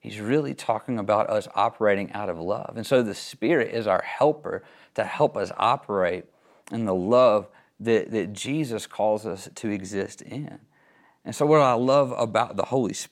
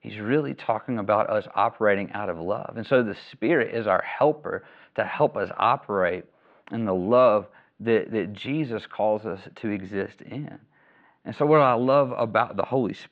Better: first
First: none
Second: muffled; slightly; fading above 3 kHz

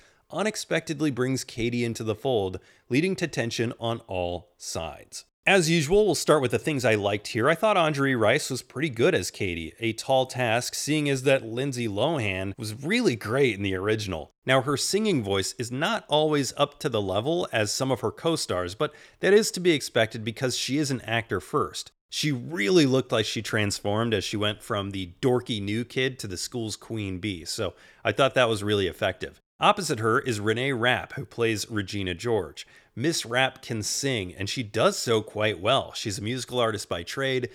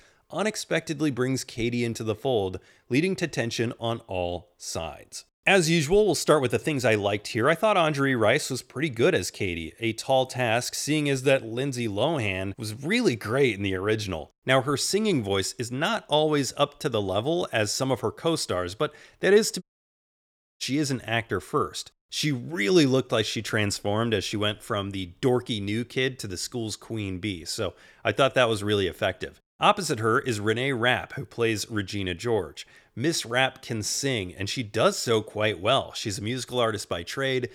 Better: first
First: none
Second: audio cutting out; at 20 s for 1 s

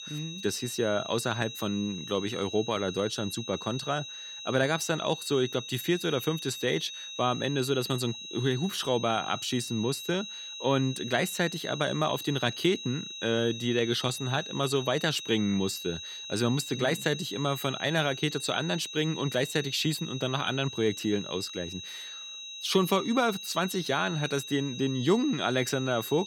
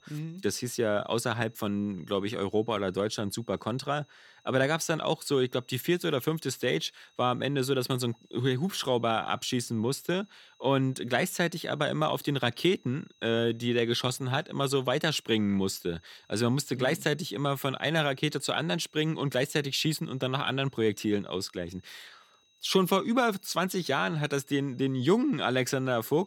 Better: second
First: high-pitched whine; loud; throughout; 4 kHz, 9 dB below the speech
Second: high-pitched whine; faint; throughout; 4 kHz, 35 dB below the speech

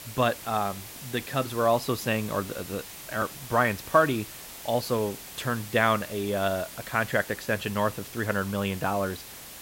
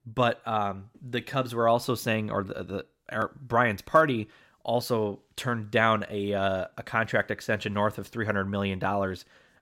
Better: second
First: hiss; noticeable; throughout; 10 dB below the speech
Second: none

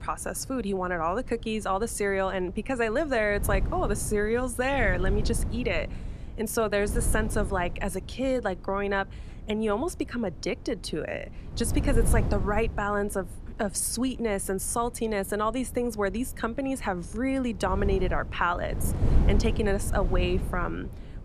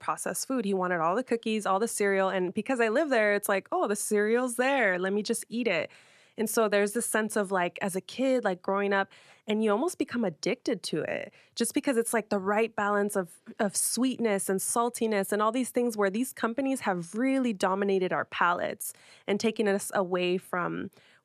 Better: second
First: wind noise on the microphone; occasional gusts; 15 dB below the speech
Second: none

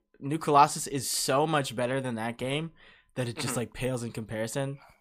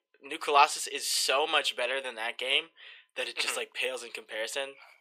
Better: first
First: none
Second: thin; very; fading below 450 Hz

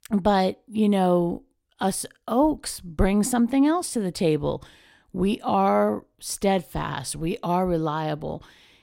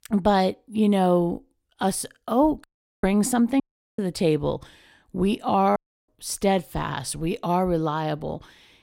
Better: first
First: none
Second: audio cutting out; at 2.5 s, at 3.5 s and at 6 s

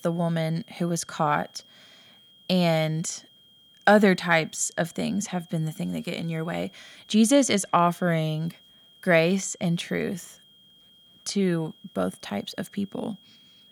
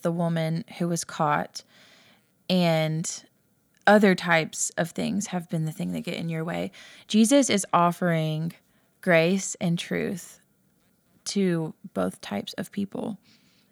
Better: second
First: high-pitched whine; faint; throughout; 3 kHz, 30 dB below the speech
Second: none

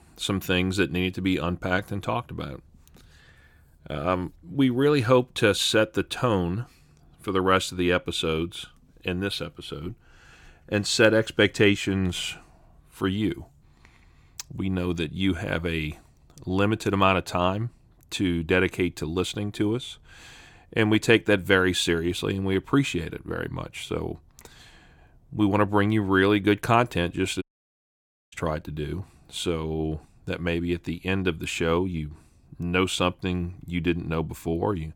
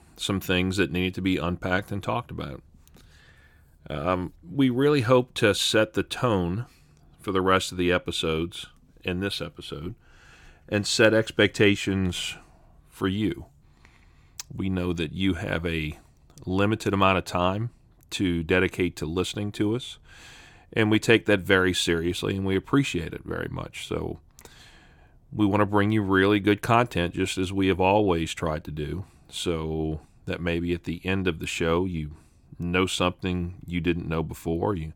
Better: second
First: audio cutting out; at 27 s for 1 s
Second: none

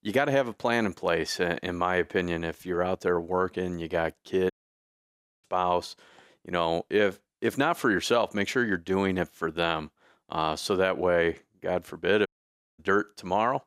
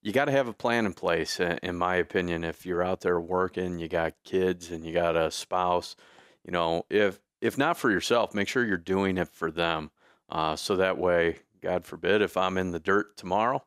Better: second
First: audio cutting out; at 4.5 s for 1 s and at 12 s for 0.5 s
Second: none

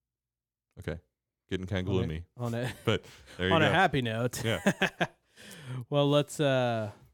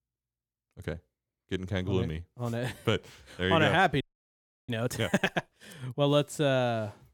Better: first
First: none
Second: audio freezing; at 4 s for 0.5 s

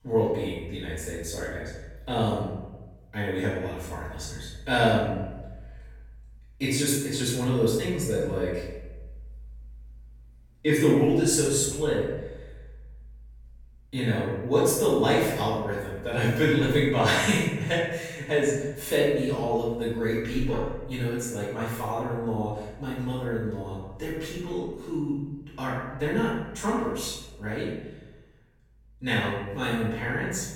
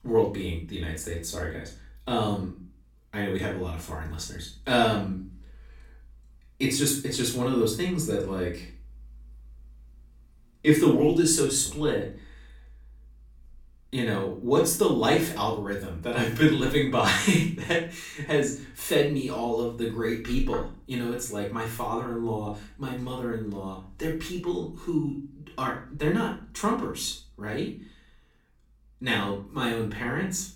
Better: second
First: room echo; strong; dies away in 0.9 s // off-mic speech; far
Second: room echo; slight; dies away in 0.3 s // off-mic speech; far

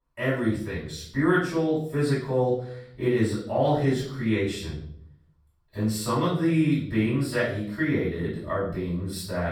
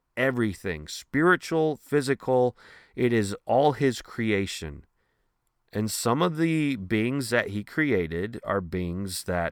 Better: second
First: off-mic speech; far // room echo; noticeable; dies away in 0.6 s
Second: none

